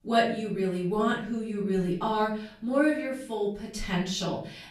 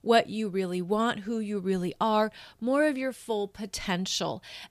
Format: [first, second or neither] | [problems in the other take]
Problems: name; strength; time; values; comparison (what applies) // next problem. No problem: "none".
second | off-mic speech; far // room echo; noticeable; dies away in 0.5 s